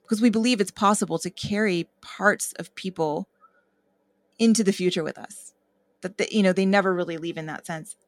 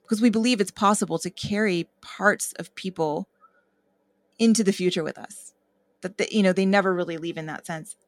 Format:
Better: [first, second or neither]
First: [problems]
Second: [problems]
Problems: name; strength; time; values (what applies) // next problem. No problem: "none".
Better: neither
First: none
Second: none